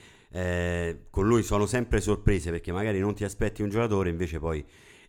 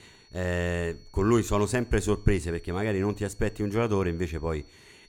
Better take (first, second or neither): first